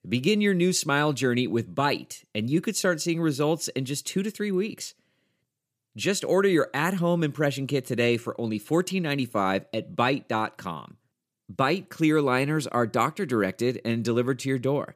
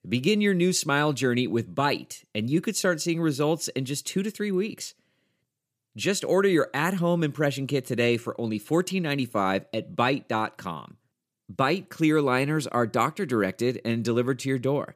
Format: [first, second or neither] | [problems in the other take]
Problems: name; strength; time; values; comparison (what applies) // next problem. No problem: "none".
neither | none